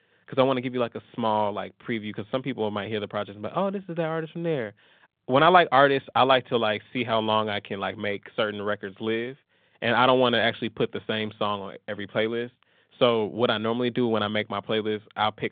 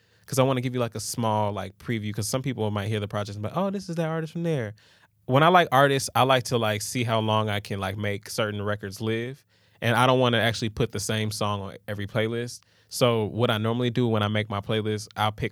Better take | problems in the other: second | phone-call audio

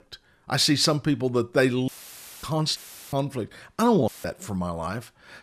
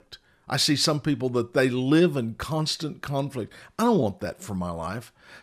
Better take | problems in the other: second | audio cutting out; filled with static; at 2 s for 0.5 s, at 3 s and at 4 s

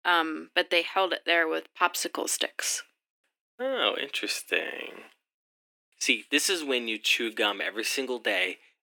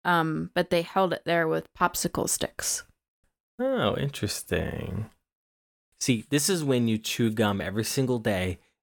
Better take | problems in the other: second | thin; somewhat; fading below 300 Hz

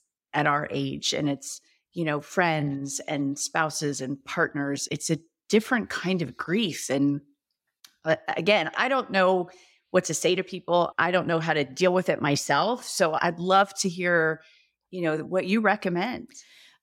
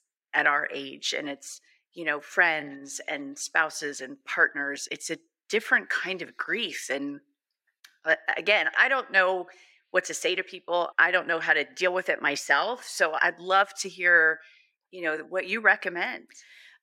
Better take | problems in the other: first | thin; somewhat; fading below 450 Hz

